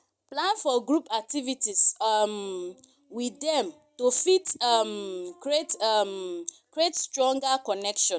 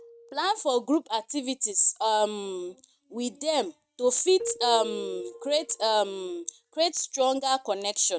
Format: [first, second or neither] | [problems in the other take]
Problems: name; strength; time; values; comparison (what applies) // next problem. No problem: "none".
first | noise reduction (neural mask model RNNoise)